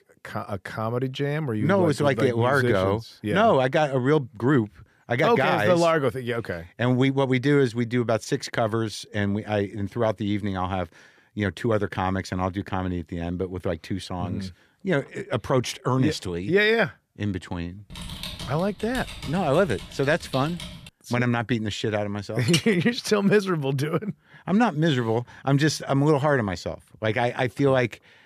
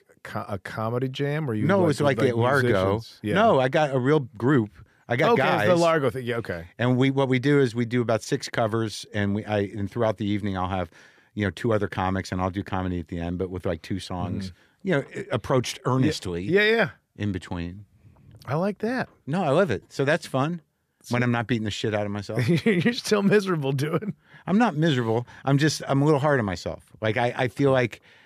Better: second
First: keyboard typing; noticeable; from 18 to 21 s; peak 10 dB below the speech // clattering dishes; noticeable; at 22 s; peak 3 dB below the speech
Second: none

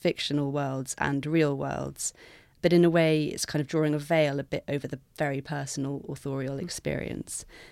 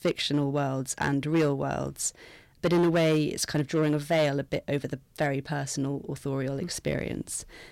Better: first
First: none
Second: distortion; slight; 5% of the sound clipped

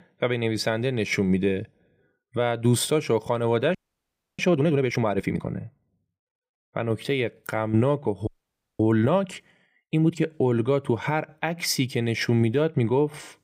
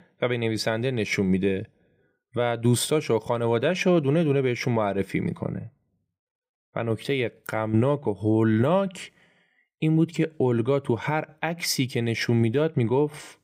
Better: second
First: audio freezing; at 4 s for 0.5 s and at 8.5 s for 0.5 s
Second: none

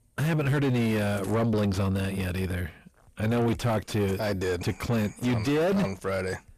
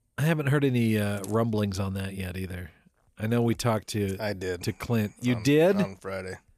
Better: second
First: distortion; heavy; 6 dB below the speech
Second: none

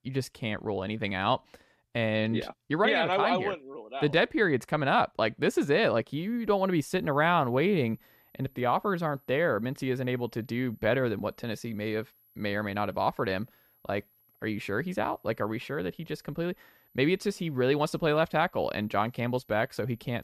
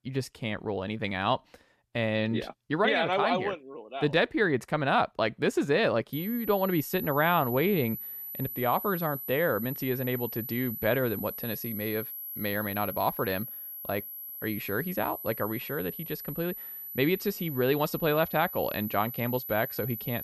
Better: first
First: high-pitched whine; faint; from 6 s on; 11.5 kHz, 35 dB below the speech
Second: high-pitched whine; loud; from 6 s on; 11.5 kHz, 7 dB below the speech

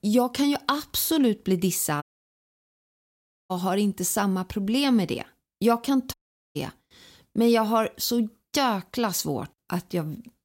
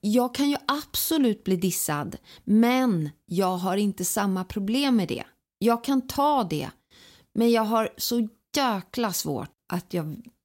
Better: second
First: audio cutting out; at 2 s for 1.5 s and at 6 s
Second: none

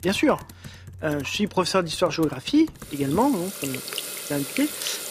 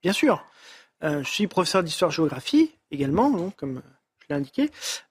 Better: second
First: household noises; loud; throughout; 9 dB below the speech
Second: none

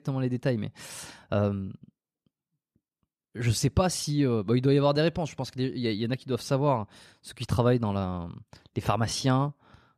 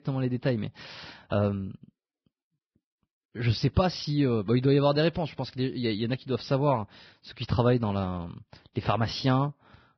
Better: first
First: none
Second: garbled, watery; badly; nothing above 5.5 kHz

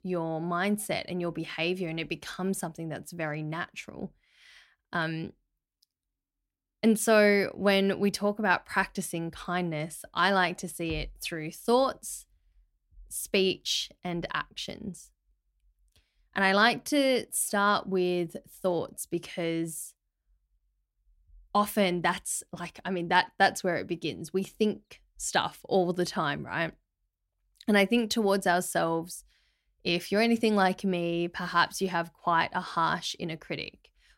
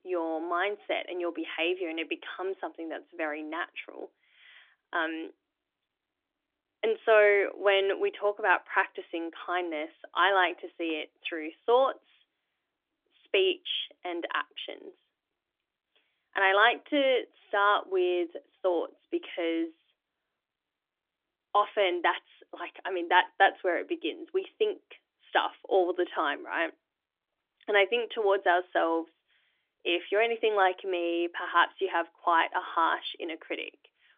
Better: first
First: none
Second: phone-call audio; nothing above 3.5 kHz

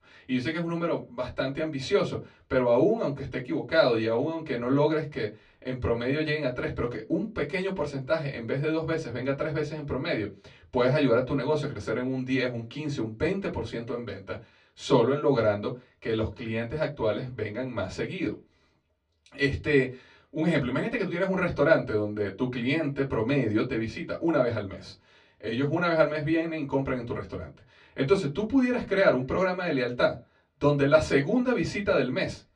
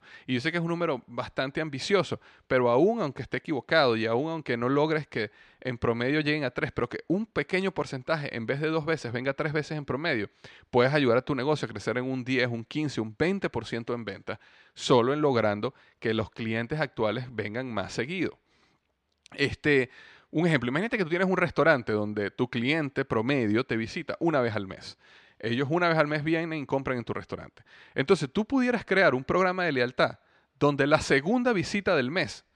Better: second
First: off-mic speech; far // room echo; very slight; dies away in 0.2 s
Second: none

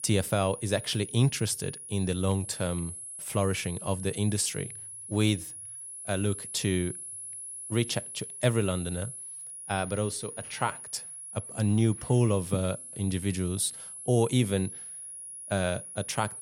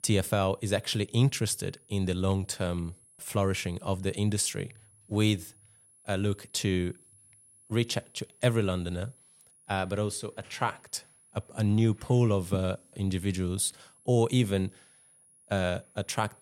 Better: second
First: high-pitched whine; loud; throughout; 10.5 kHz, 9 dB below the speech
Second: high-pitched whine; faint; throughout; 10.5 kHz, 30 dB below the speech

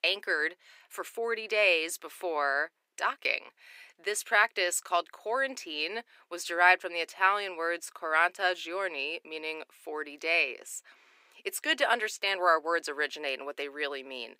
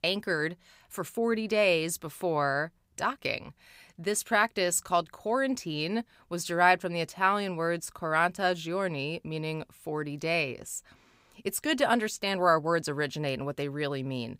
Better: second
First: thin; very; fading below 350 Hz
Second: none

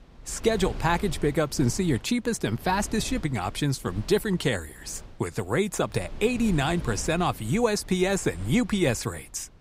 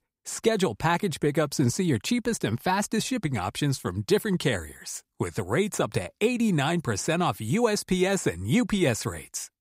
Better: second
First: wind noise on the microphone; occasional gusts; 20 dB below the speech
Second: none

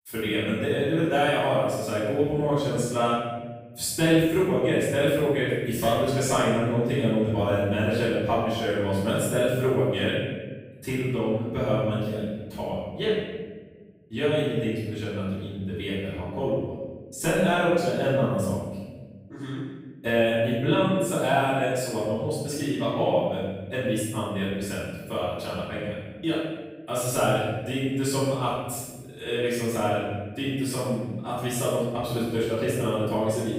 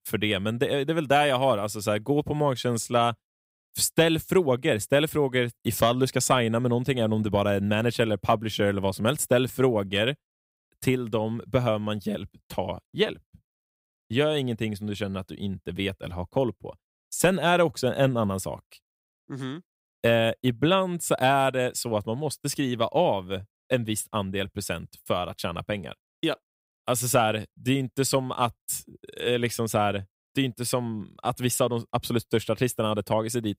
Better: second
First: room echo; strong; dies away in 1.2 s // off-mic speech; far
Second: none

